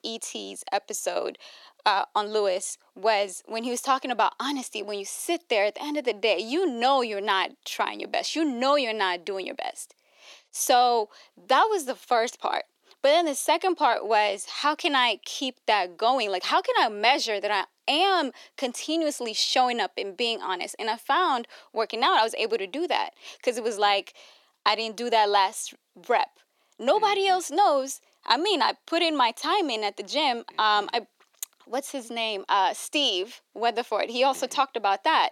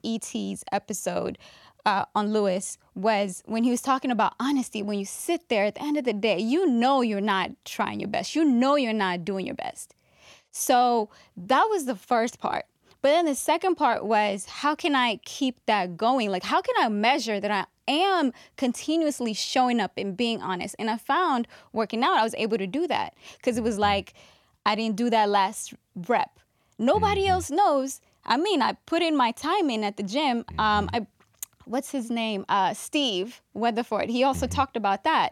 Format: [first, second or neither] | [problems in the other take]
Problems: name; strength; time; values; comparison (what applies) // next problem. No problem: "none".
second | thin; somewhat; fading below 350 Hz